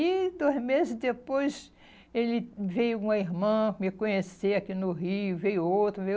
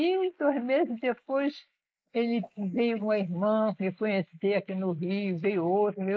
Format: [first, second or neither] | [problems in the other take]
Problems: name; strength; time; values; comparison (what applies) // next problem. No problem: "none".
first | noise reduction (neural mask model Resemble Enhance denoiser)